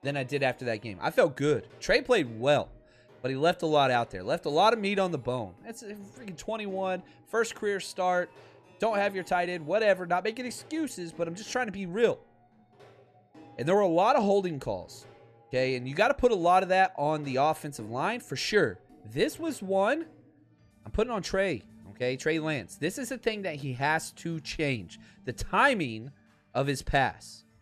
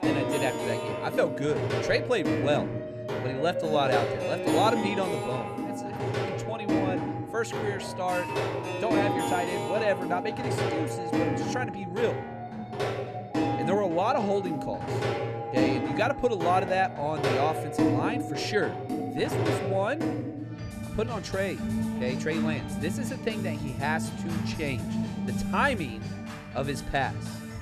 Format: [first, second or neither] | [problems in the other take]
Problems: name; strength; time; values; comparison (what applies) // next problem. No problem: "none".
first | background music; loud; throughout; as loud as the speech; faint in the first